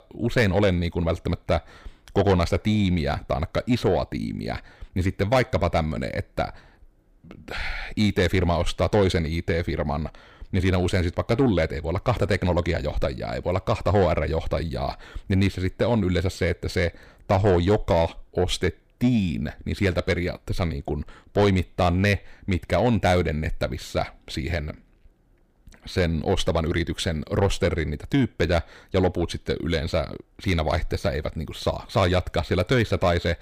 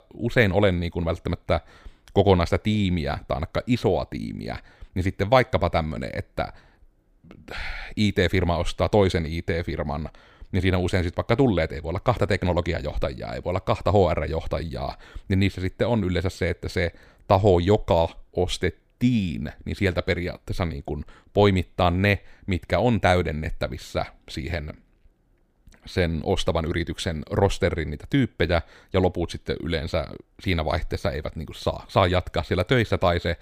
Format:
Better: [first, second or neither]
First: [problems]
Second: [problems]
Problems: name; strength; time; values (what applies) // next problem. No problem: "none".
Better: second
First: distortion; slight; 10 dB below the speech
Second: none